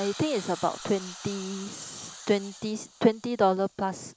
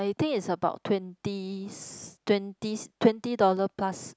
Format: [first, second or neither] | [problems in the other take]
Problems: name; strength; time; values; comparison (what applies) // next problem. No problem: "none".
second | background sound (Hiss); 16 dB below the speech